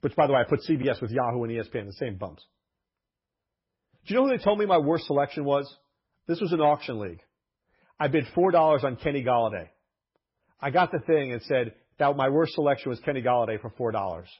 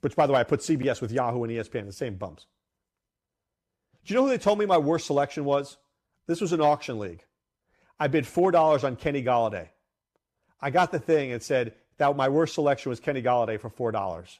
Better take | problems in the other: second | garbled, watery; badly; nothing above 5.5 kHz

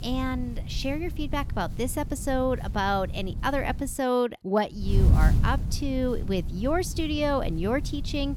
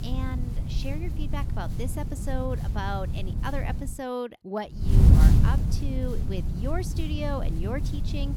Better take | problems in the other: first | wind noise on the microphone; heavy; until 4 s and from 5 s on; 4 dB below the speech; occasional gusts in the first

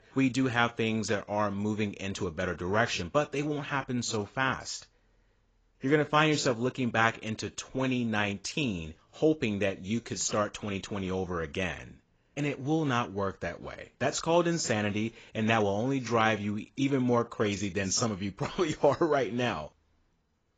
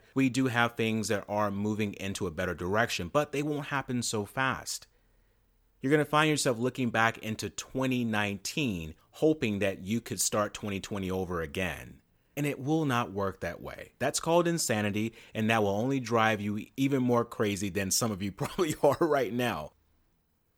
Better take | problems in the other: second | garbled, watery; badly; nothing above 7.5 kHz

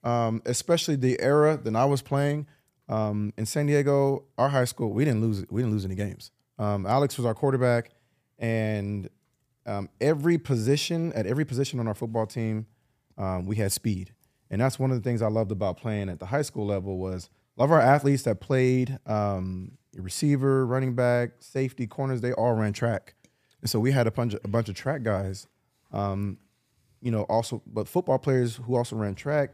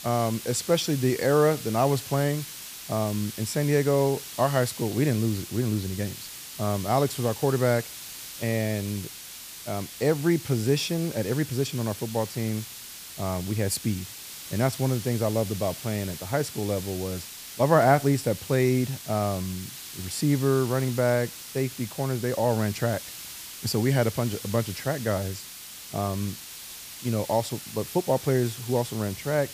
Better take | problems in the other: first | hiss; noticeable; throughout; 10 dB below the speech

